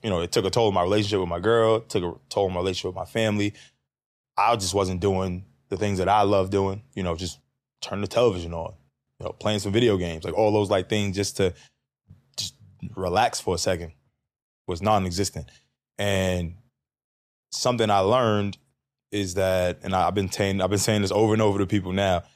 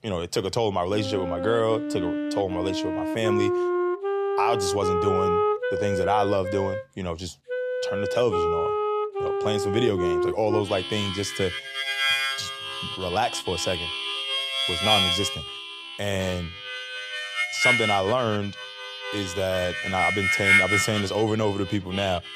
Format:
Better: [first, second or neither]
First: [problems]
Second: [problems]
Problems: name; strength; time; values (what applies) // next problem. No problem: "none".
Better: first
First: none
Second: background music; very loud; throughout; 1 dB above the speech